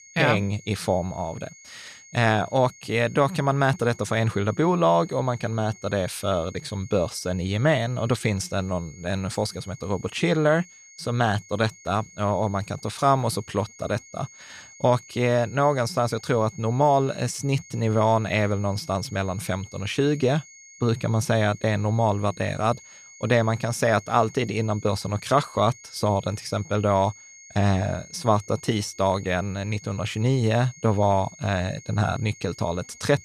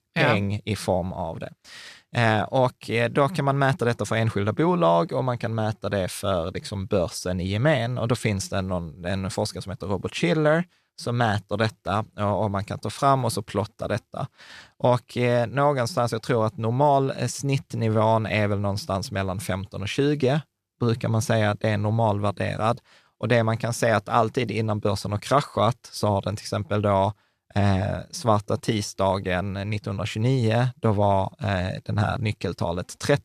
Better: second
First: high-pitched whine; faint; throughout; 6.5 kHz, 20 dB below the speech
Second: none

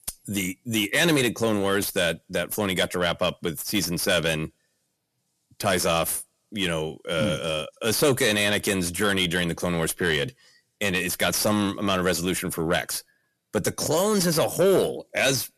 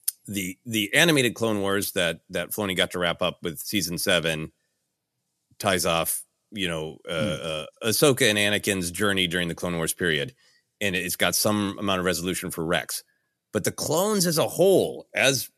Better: second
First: distortion; slight; 10 dB below the speech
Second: none

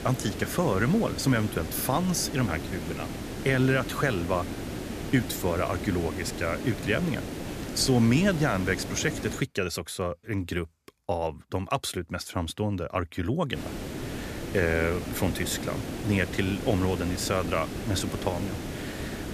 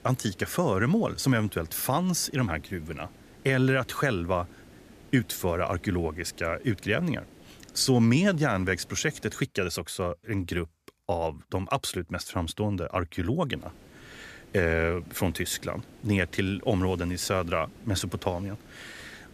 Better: second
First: hiss; loud; until 9.5 s and from 14 s on; 7 dB below the speech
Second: hiss; faint; until 9.5 s and from 14 s on; 25 dB below the speech

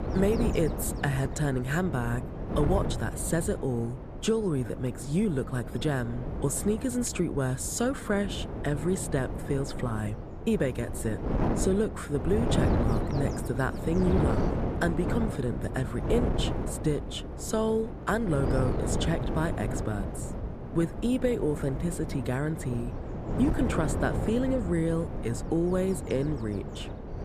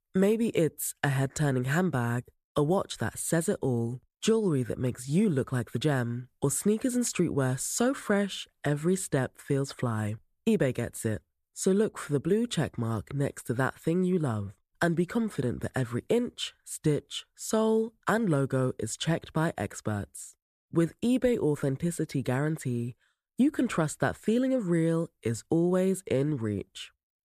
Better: second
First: wind noise on the microphone; heavy; 5 dB below the speech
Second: none

